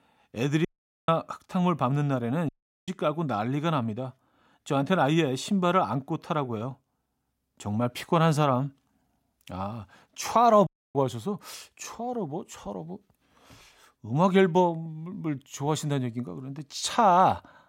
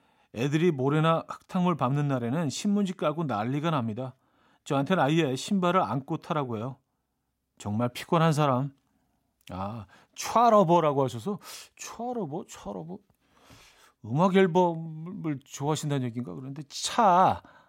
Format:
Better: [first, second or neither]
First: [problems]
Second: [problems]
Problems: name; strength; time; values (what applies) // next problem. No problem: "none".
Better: second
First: audio cutting out; at 0.5 s, at 2.5 s and at 11 s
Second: none